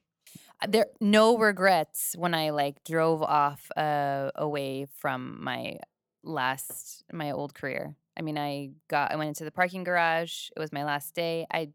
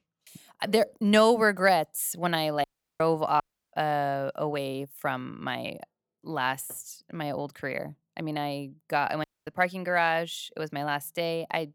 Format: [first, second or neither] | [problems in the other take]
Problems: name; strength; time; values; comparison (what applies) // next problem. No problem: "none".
first | audio cutting out; at 2.5 s, at 3.5 s and at 9 s